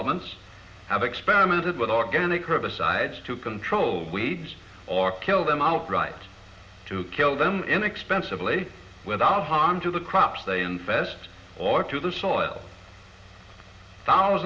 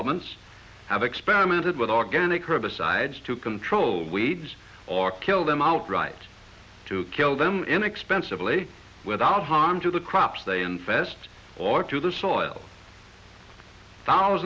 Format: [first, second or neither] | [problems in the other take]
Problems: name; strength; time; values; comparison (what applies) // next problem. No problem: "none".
second | room echo; dies away in 1.6 s